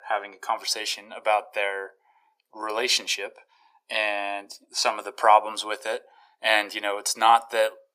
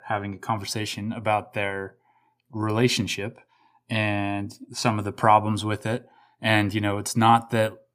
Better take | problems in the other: second | thin; very; fading below 500 Hz

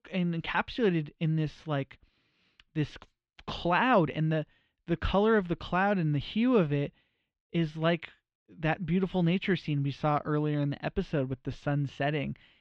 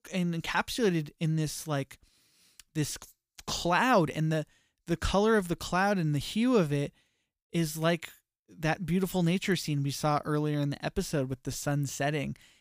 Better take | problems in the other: second | muffled; very; fading above 3 kHz

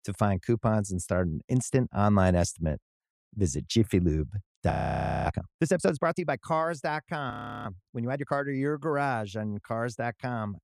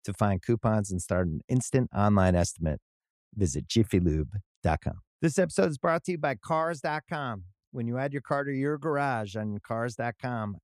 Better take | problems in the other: second | audio freezing; at 4.5 s for 0.5 s and at 7.5 s

